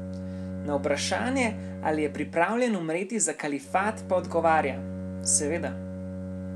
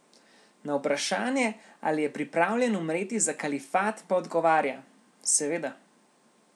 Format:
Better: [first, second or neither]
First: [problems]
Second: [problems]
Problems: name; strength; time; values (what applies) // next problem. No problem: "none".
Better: second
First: background sound (Bowed string instrument); 8 dB below the speech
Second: none